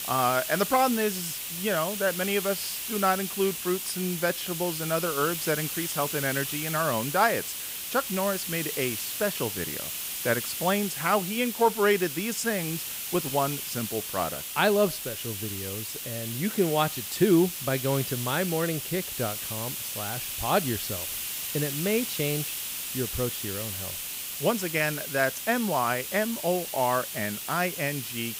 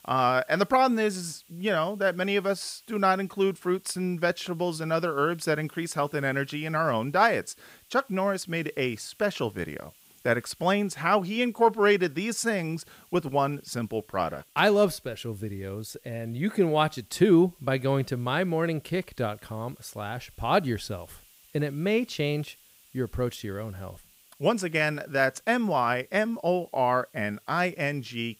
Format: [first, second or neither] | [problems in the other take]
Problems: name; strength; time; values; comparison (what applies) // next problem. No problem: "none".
second | hiss; loud; throughout; 4 dB below the speech; faint in the second